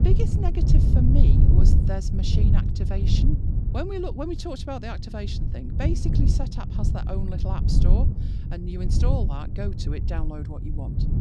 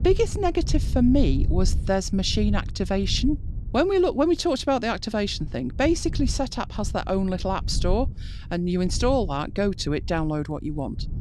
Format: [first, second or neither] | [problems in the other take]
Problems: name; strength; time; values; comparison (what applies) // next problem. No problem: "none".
second | wind noise on the microphone; heavy; 1 dB below the speech; occasional gusts in the second